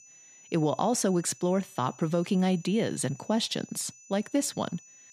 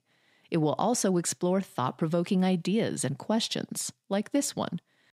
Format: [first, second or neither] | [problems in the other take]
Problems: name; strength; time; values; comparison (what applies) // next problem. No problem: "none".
second | high-pitched whine; faint; throughout; 6 kHz, 20 dB below the speech